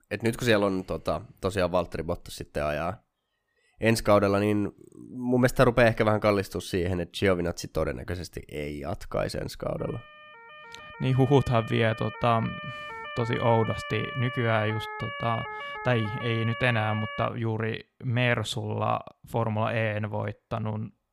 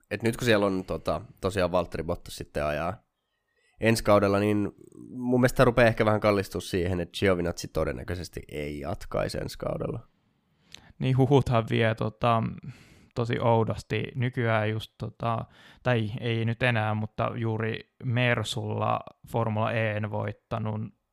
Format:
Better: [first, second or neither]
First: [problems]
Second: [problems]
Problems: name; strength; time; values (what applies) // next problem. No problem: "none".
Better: second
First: siren; noticeable; from 10 to 17 s; peak 8 dB below the speech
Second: none